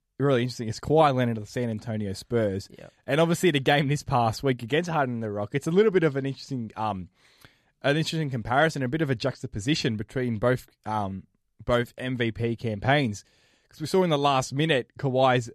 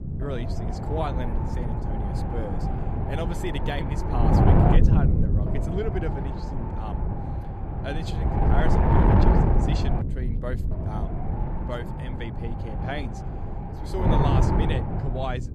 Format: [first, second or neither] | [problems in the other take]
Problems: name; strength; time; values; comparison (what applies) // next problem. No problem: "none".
first | wind noise on the microphone; heavy; 4 dB above the speech